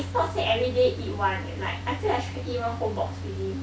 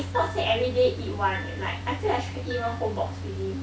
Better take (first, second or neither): first